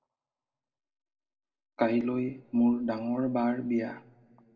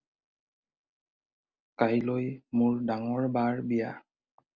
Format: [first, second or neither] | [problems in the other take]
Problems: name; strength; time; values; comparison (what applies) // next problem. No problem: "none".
second | room echo; dies away in 1.2 s